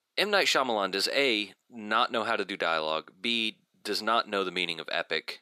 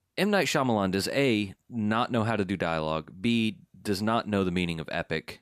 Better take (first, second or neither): second